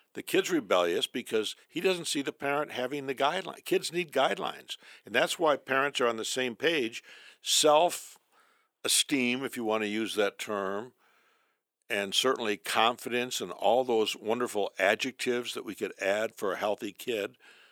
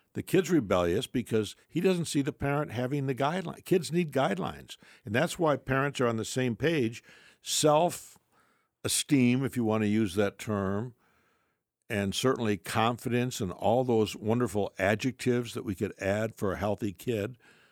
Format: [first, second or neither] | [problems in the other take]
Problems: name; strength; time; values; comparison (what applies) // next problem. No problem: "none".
second | thin; somewhat; fading below 400 Hz